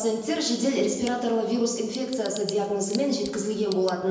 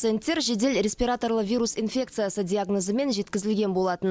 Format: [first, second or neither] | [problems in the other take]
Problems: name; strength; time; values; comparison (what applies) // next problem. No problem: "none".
second | background sound (Tick / Bicycle); 19 dB below the speech // room echo; dies away in 1 s